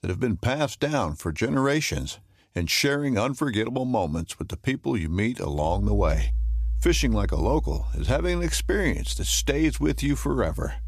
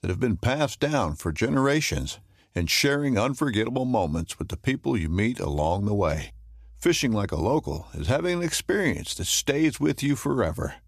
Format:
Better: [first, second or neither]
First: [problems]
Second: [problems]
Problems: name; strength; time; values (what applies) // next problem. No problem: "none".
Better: second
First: background music; loud; from 5.5 s on; 5 dB below the speech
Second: background music; faint; from 5.5 s on; 30 dB below the speech